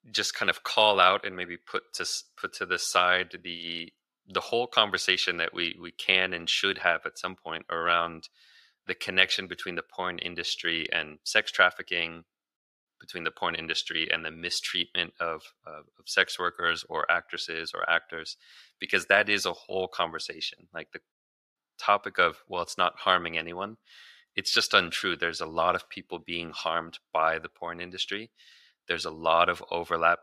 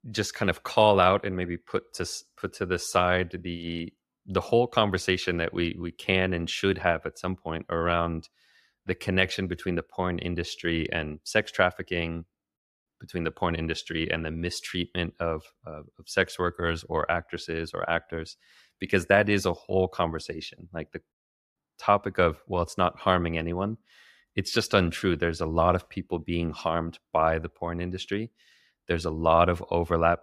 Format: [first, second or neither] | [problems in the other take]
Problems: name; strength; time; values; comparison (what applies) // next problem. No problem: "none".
second | thin; somewhat; fading below 850 Hz